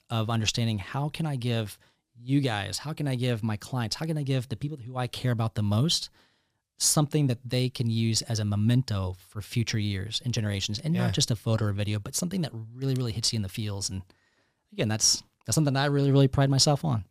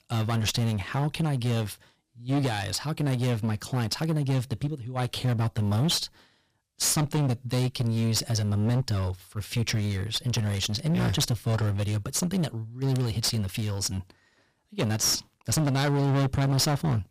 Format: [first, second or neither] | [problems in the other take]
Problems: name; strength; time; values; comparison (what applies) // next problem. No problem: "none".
first | distortion; heavy; 17% of the sound clipped